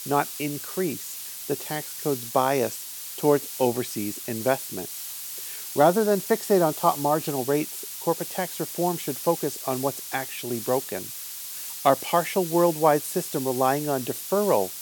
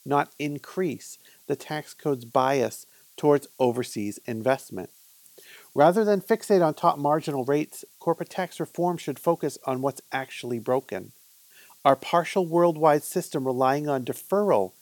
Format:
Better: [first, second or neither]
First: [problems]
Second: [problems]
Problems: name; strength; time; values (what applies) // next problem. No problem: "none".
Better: second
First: hiss; loud; throughout; 8 dB below the speech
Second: hiss; faint; throughout; 25 dB below the speech